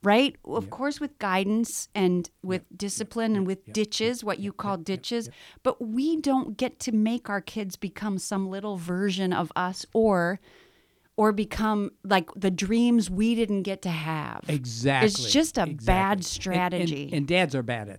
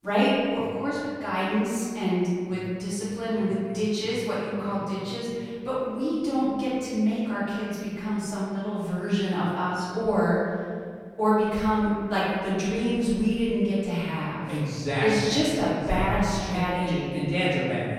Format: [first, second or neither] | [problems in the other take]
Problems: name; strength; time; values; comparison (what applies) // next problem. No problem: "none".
first | off-mic speech; far // room echo; strong; dies away in 1.9 s